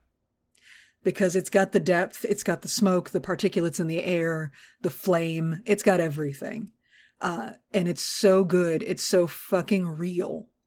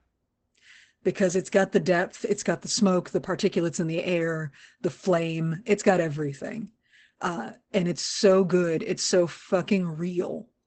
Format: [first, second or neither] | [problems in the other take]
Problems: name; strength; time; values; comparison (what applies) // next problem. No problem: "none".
first | garbled, watery; badly; nothing above 8 kHz; slightly in the first